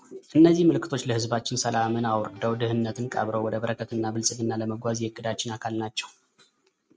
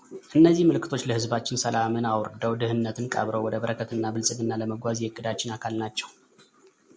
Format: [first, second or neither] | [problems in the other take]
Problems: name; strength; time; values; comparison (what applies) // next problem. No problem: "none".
second | noise reduction (neural mask model RNNoise)